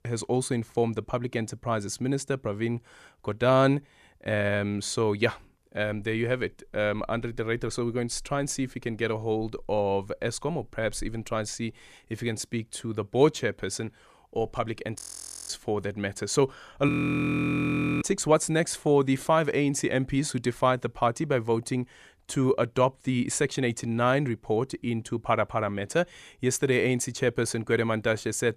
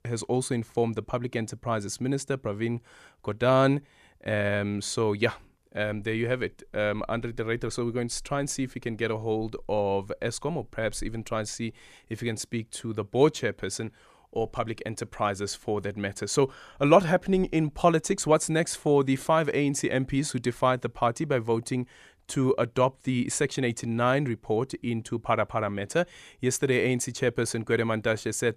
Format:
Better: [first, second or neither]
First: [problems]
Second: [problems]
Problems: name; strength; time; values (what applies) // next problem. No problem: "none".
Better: second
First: audio freezing; at 15 s for 0.5 s and at 17 s for 1 s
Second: none